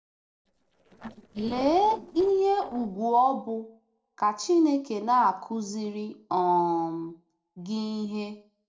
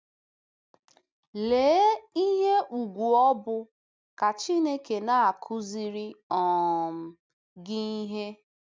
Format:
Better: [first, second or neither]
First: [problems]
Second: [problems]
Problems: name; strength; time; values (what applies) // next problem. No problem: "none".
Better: second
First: noise reduction (neural separator model SepFormer DNS4)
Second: none